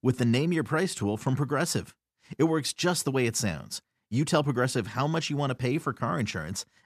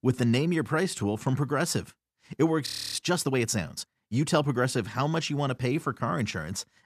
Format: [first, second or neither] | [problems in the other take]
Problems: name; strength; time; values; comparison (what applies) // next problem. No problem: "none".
first | audio freezing; at 2.5 s